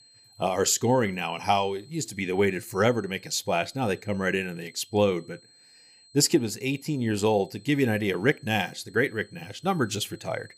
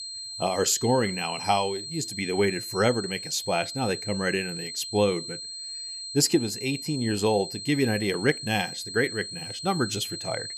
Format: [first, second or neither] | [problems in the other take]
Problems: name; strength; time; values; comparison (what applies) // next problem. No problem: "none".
first | high-pitched whine; loud; throughout; 4 kHz, 8 dB below the speech; faint in the first